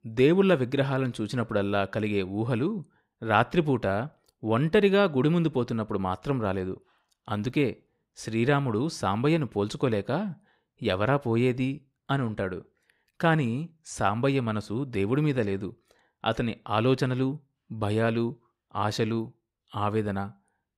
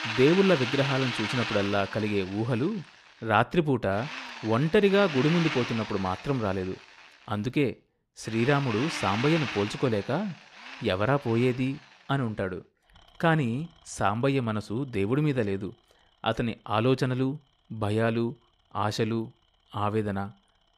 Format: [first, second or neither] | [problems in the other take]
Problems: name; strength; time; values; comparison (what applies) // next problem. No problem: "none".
first | machinery noise; loud; throughout; 8 dB below the speech